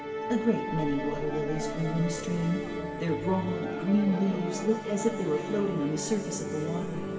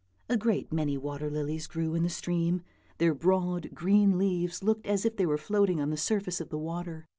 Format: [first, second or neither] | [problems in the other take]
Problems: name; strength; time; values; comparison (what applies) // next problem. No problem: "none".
second | background sound (Musical instrument); 5 dB below the speech // room echo; dies away in 3 s